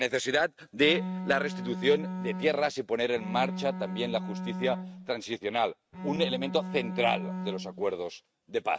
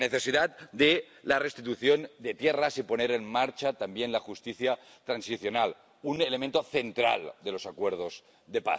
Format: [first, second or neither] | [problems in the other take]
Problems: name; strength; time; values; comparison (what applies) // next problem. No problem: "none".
second | noise reduction (neural mask model RNNoise)